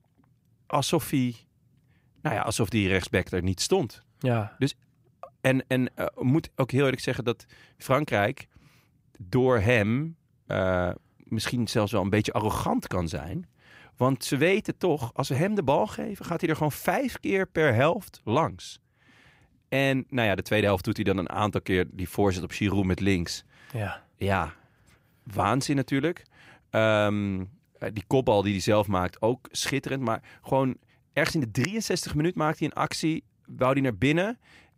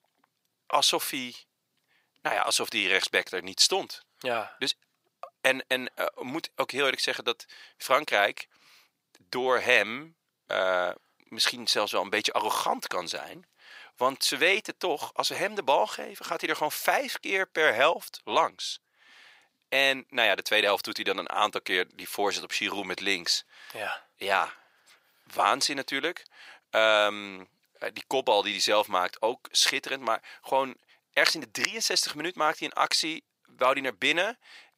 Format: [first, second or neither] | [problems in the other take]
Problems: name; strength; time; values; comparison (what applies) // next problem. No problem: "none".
first | thin; very; fading below 650 Hz